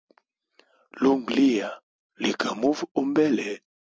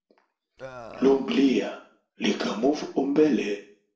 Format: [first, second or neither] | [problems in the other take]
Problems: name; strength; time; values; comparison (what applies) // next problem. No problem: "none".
first | background sound (Burping, eructation); 16 dB below the speech // room echo; dies away in 0.4 s